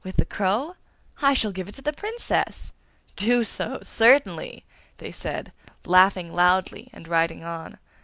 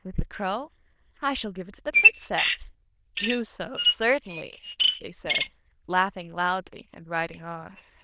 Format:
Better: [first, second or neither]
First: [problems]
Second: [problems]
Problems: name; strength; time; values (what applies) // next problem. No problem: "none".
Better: first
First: none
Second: noise reduction (neural diffusion model UNIVERSE++)